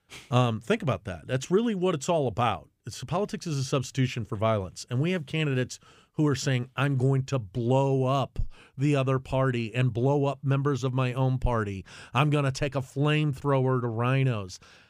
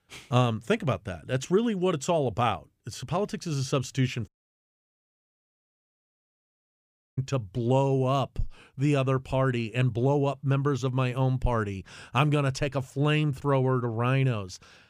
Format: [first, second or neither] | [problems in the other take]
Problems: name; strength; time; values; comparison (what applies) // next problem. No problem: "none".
first | audio cutting out; at 4.5 s for 3 s